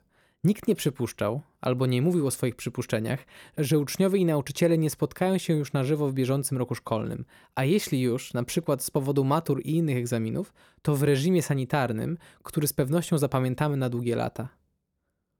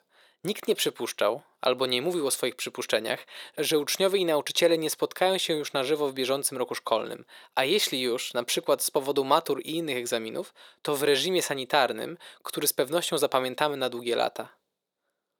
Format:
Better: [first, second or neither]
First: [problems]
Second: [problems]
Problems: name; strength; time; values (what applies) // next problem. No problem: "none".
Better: first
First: none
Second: thin; very; fading below 550 Hz